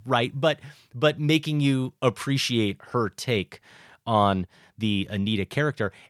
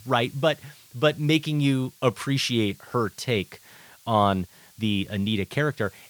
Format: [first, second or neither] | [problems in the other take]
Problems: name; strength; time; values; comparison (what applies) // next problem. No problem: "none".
first | hiss; faint; throughout; 25 dB below the speech